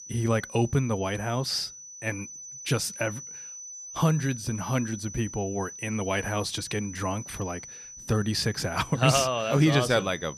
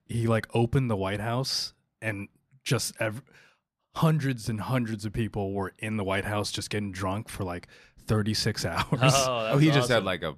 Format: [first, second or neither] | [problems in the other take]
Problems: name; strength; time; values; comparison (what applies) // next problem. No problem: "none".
second | high-pitched whine; noticeable; throughout; 6 kHz, 15 dB below the speech